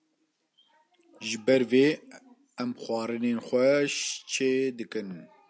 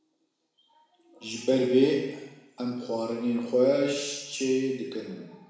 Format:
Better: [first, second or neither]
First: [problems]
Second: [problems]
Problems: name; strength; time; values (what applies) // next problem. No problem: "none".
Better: first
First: none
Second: room echo; dies away in 1 s